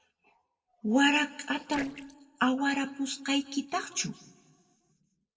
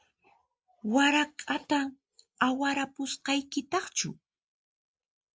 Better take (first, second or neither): second